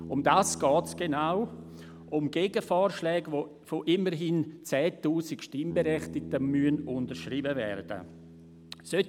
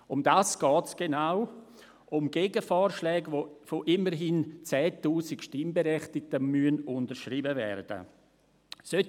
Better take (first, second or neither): second